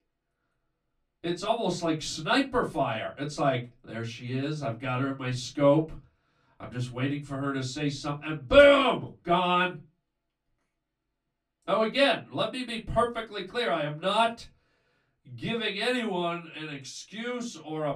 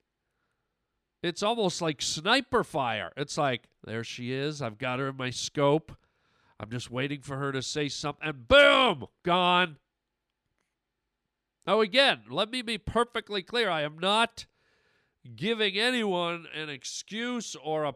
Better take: second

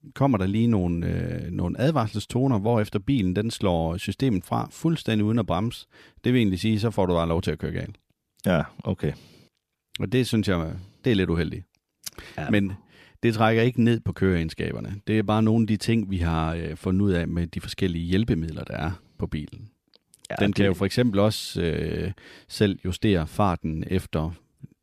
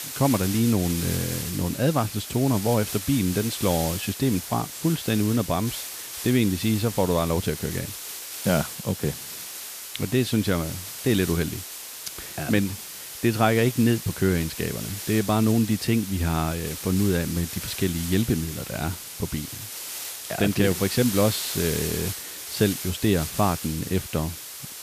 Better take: first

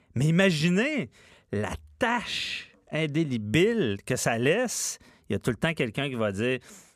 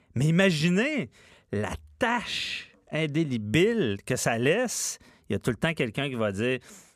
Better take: neither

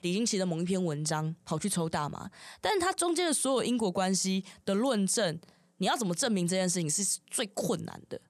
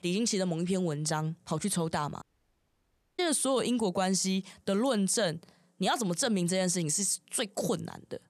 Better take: first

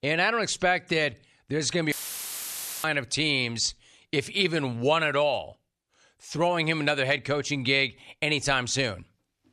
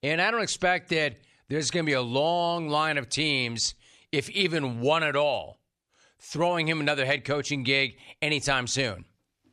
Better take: second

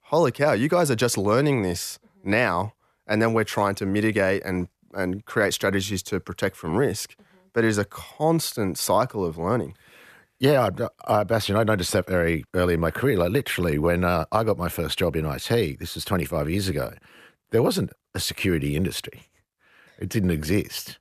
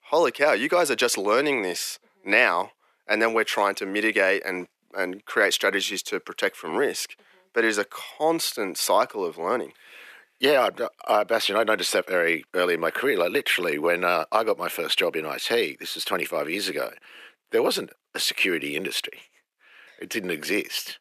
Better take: first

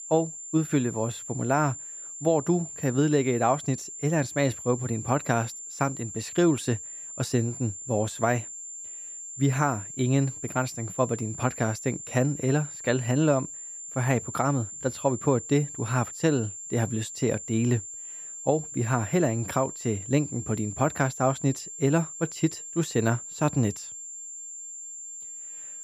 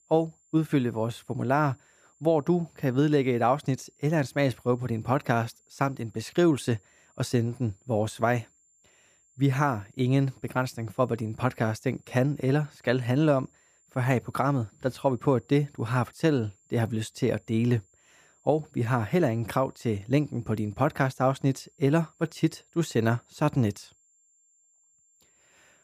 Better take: second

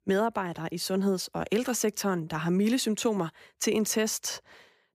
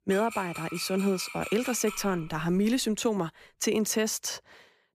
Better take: first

